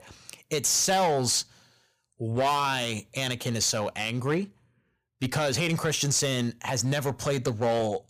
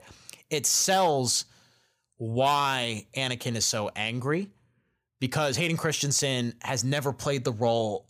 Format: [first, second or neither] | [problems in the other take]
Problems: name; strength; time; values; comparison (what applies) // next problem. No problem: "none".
second | distortion; slight; 6% of the sound clipped